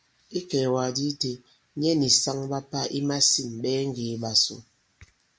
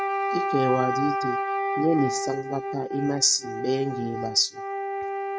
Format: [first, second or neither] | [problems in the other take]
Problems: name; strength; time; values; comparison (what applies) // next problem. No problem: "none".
first | noise reduction (neural mask model RNNoise)